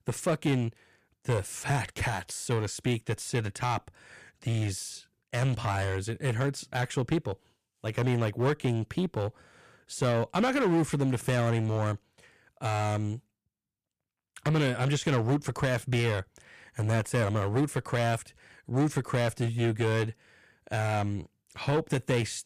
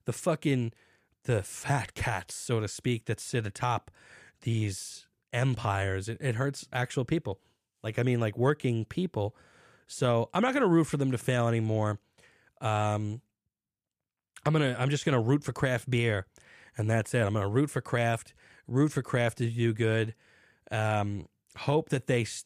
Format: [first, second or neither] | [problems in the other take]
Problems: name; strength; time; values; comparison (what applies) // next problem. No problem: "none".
second | distortion; slight; 7% of the sound clipped